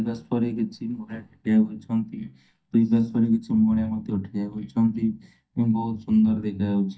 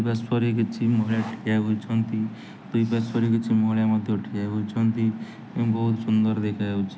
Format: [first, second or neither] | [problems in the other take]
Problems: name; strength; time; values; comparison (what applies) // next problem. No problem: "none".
second | noise reduction (neural mask model DeepFilterNet 3)